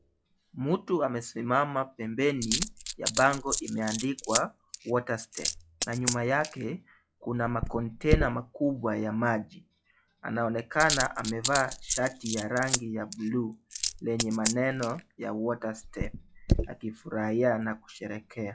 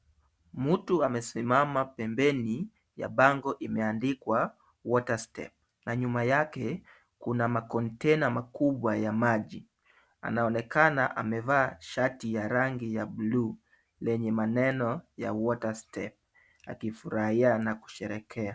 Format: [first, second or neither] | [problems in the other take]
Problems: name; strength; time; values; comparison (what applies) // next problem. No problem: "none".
second | noise reduction (classical method log-MMSE)